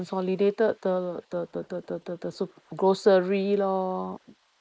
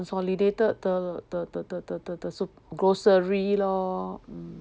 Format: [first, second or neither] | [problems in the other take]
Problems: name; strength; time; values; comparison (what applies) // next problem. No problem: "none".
second | noise reduction (neural mask model Resemble Enhance denoiser)